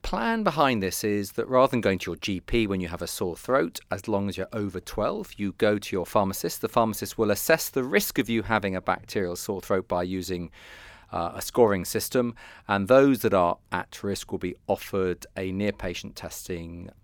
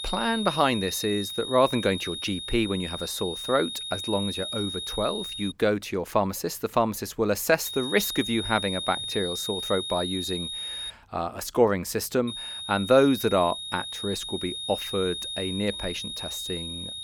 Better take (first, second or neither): first